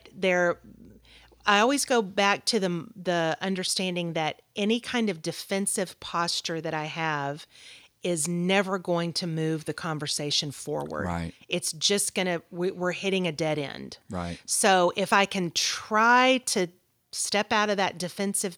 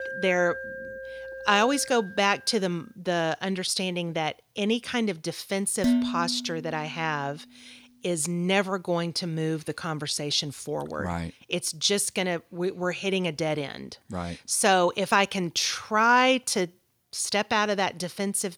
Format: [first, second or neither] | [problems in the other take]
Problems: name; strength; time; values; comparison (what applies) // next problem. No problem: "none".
first | alarm; noticeable; until 2.5 s; peak 7 dB below the speech // clattering dishes; loud; at 6 s; peak 2 dB above the speech